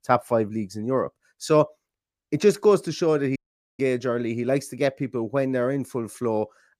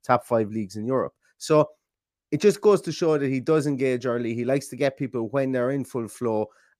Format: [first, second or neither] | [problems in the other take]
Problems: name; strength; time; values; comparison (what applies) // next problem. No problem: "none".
second | audio cutting out; at 3.5 s